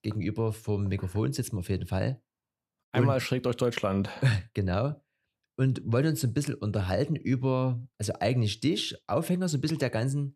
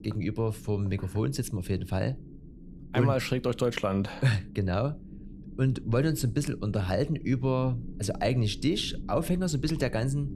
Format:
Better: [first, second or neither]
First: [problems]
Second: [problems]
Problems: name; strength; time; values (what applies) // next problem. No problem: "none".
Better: first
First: none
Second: low rumble; noticeable; throughout; 20 dB below the speech